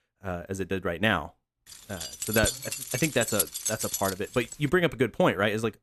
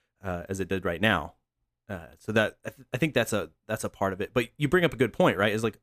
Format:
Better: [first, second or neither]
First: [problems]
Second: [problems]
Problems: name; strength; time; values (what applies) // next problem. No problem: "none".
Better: second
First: jangling keys; loud; from 2 to 4.5 s; peak 1 dB above the speech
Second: none